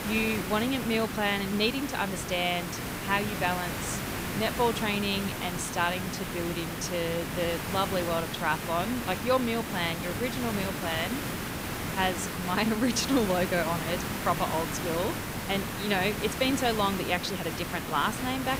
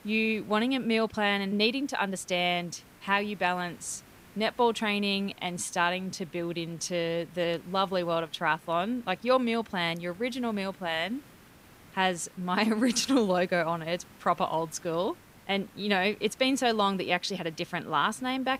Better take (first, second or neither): second